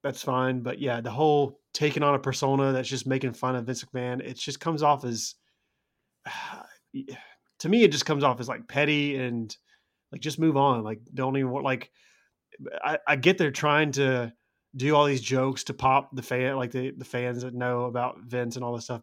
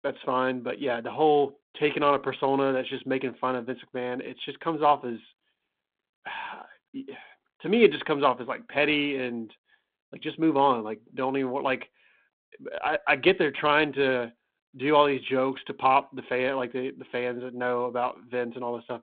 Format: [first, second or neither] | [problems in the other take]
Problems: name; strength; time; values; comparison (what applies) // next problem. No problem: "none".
first | phone-call audio